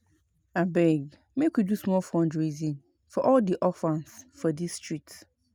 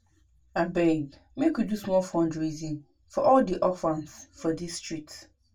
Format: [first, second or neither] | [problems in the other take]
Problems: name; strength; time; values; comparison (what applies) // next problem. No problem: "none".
first | room echo; dies away in 0.2 s